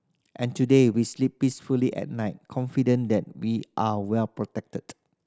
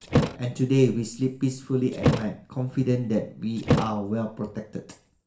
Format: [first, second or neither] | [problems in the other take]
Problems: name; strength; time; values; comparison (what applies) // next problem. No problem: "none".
first | background sound (Thump, thud); 3 dB below the speech // room echo; dies away in 0.4 s